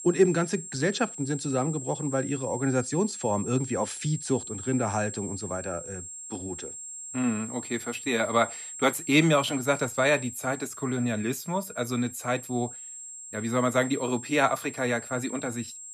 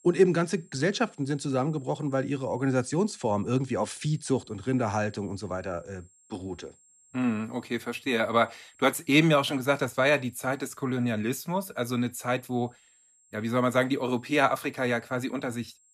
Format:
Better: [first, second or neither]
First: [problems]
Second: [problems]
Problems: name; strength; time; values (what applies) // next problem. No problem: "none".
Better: second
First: high-pitched whine; loud; throughout; 7.5 kHz, 10 dB below the speech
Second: high-pitched whine; faint; throughout; 7.5 kHz, 30 dB below the speech